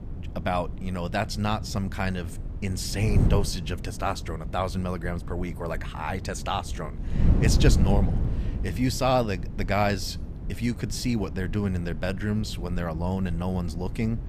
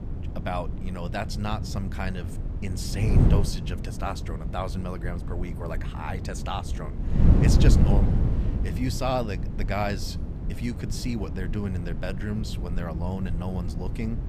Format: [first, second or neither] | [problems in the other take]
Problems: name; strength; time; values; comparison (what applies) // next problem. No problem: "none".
first | wind noise on the microphone; heavy; 5 dB below the speech; occasional gusts in the first